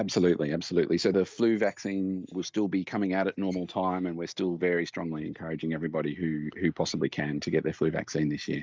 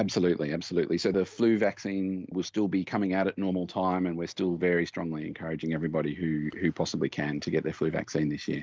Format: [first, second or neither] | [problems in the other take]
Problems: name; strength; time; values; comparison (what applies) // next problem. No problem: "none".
second | noise reduction (neural mask model DeepFilterNet 3)